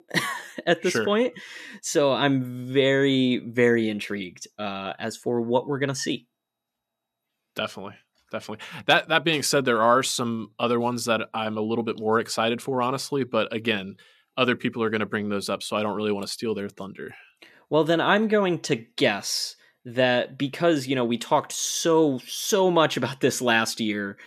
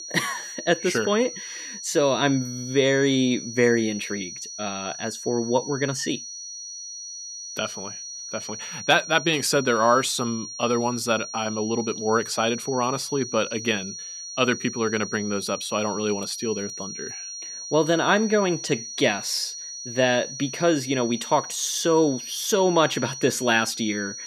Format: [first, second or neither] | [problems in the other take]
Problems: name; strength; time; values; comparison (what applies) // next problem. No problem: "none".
first | high-pitched whine; loud; throughout; 6 kHz, 10 dB below the speech